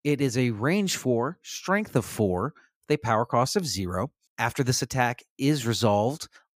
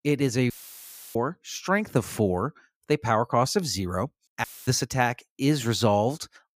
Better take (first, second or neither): first